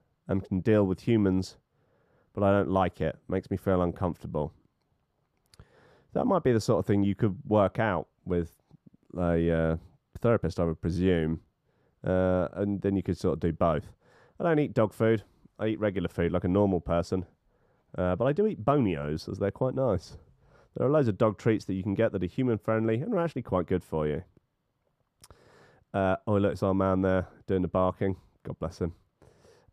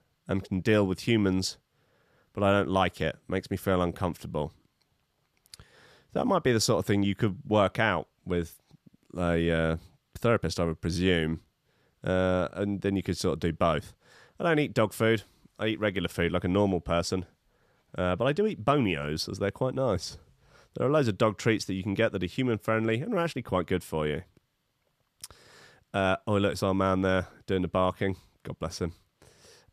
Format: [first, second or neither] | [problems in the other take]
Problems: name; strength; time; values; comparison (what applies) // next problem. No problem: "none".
second | muffled; slightly; fading above 1.5 kHz